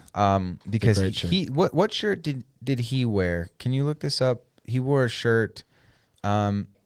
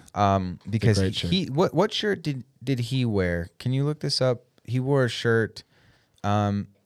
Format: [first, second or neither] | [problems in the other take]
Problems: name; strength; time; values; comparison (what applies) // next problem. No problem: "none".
second | garbled, watery; slightly